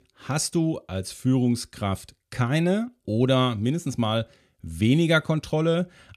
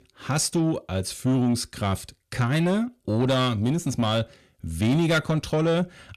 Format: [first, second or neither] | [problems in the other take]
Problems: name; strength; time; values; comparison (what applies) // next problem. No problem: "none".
first | distortion; slight; 10 dB below the speech